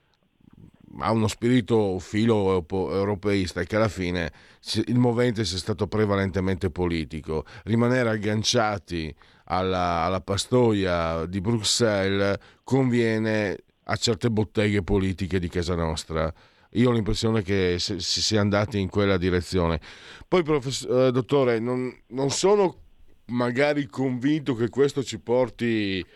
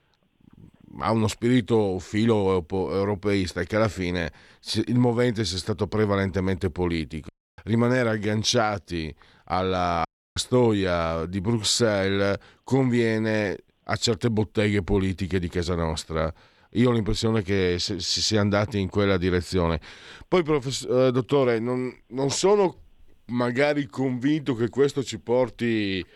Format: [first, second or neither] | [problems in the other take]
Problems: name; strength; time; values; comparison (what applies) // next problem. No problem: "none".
first | audio cutting out; at 7.5 s and at 10 s